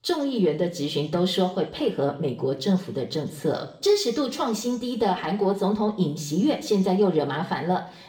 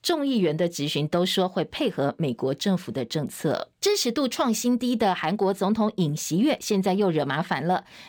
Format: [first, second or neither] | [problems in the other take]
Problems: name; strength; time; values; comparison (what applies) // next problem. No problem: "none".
second | room echo; slight; dies away in 0.6 s // off-mic speech; somewhat distant